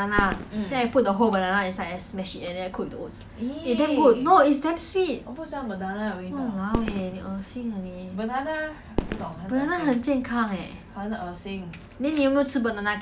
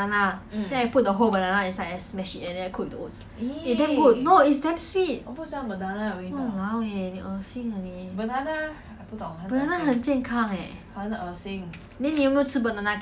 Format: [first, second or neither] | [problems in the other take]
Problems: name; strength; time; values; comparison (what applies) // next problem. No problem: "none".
second | background sound (Fireworks); 10 dB below the speech